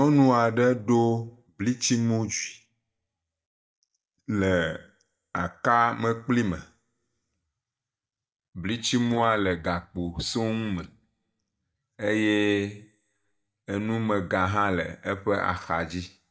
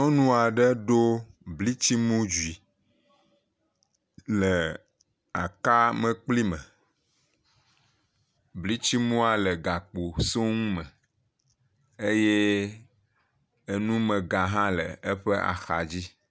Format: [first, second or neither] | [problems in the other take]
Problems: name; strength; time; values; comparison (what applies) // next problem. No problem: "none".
second | noise reduction (neural mask model DeepFilterNet 3)